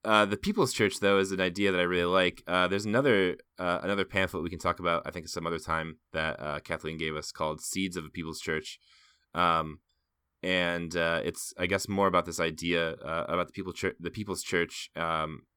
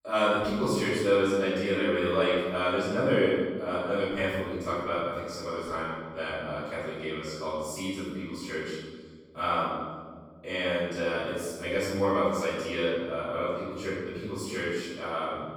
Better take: first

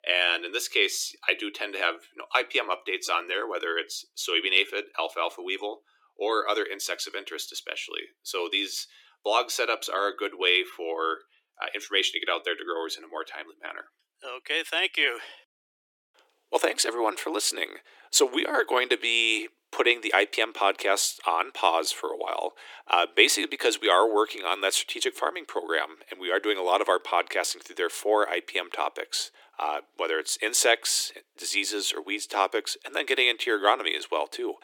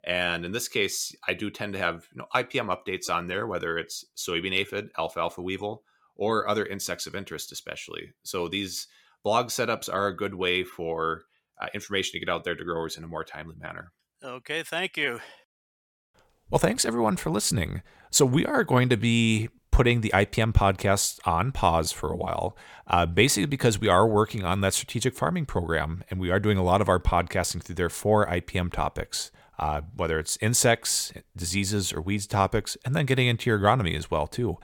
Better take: second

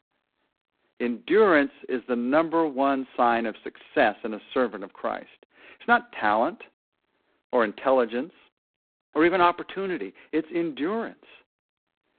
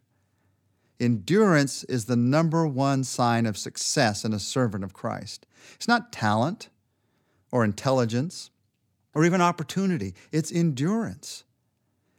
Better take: second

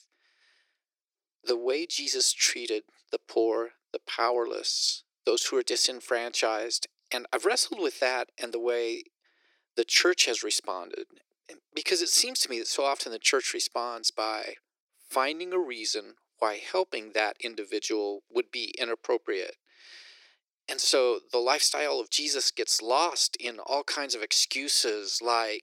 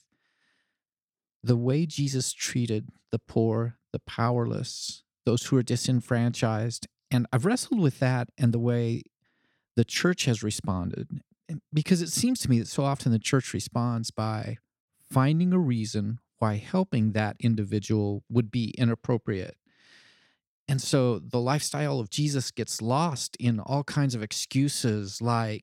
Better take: second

